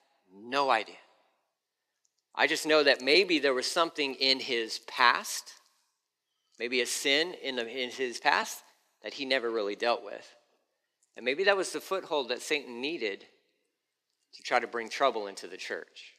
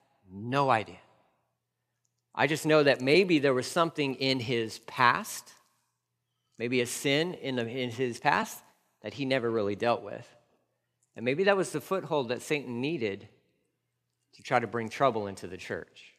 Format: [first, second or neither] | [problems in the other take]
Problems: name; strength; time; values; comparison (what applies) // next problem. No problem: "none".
second | thin; very slightly; fading below 300 Hz